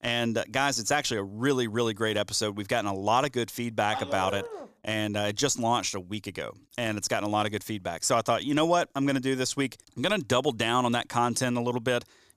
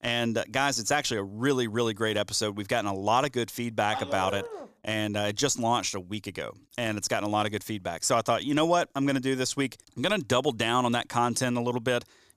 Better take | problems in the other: neither | dog barking; noticeable; at 4 s; peak 8 dB below the speech; the same in both

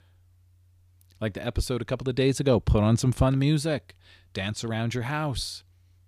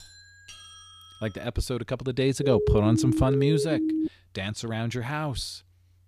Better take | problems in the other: first | doorbell; faint; until 1.5 s; peak 15 dB below the speech // siren; loud; from 2.5 to 4 s; peak 1 dB above the speech

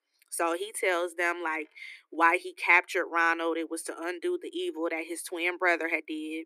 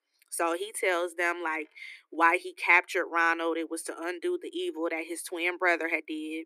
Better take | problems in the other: neither | thin; very; fading below 300 Hz; the same in both

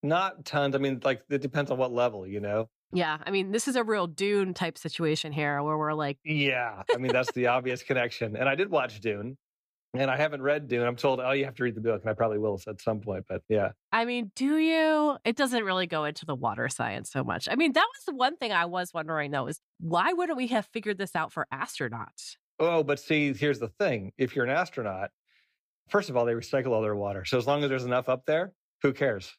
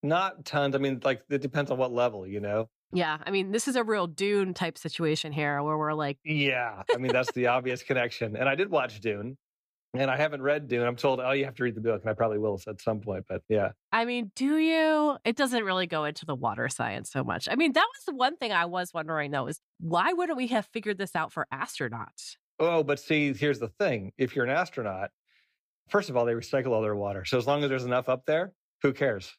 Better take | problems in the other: neither | none

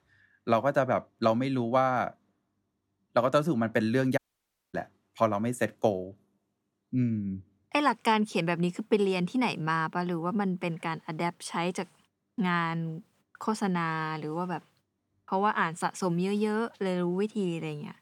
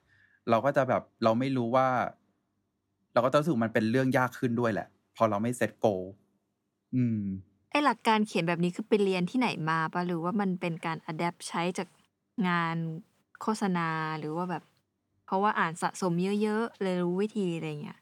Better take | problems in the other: second | audio cutting out; at 4 s for 0.5 s

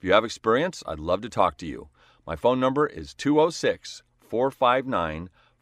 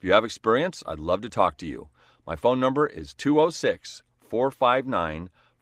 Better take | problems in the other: first | garbled, watery; slightly; nothing above 15.5 kHz

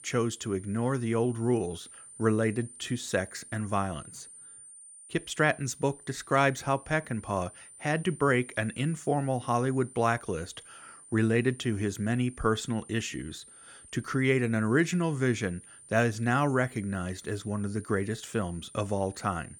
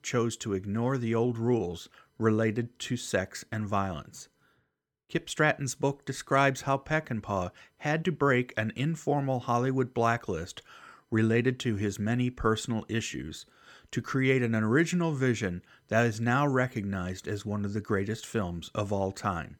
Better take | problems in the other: second | high-pitched whine; noticeable; throughout; 9 kHz, 20 dB below the speech

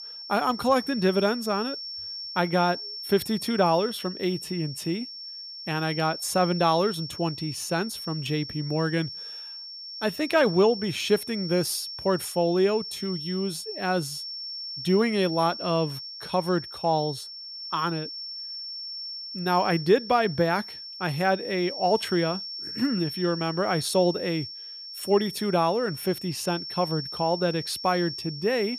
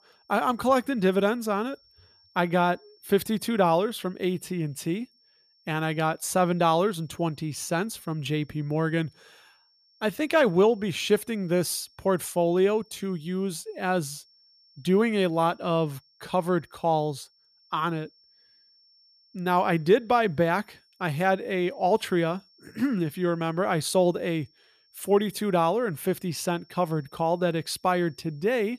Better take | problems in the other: second | high-pitched whine; loud; throughout; 5.5 kHz, 9 dB below the speech; faint in the second

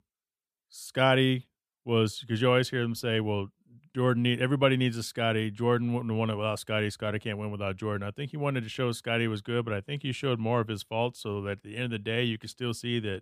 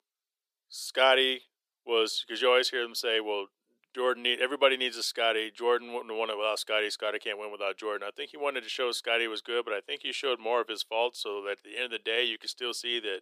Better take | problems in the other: first | thin; very; fading below 350 Hz

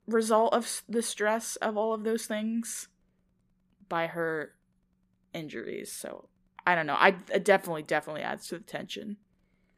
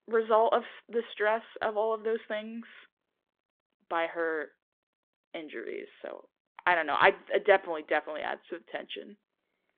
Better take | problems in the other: first | phone-call audio

